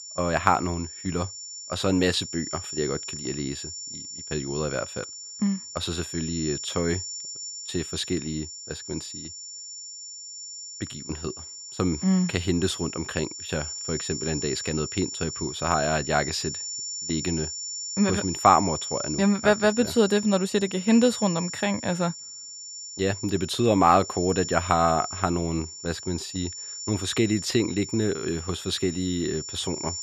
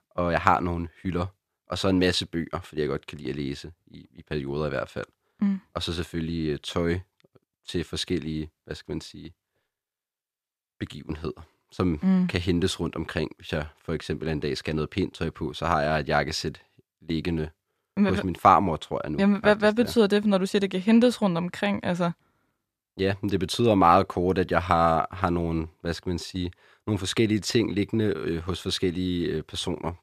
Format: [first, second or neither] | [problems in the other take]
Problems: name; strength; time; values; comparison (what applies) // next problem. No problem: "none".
second | high-pitched whine; loud; throughout; 7 kHz, 8 dB below the speech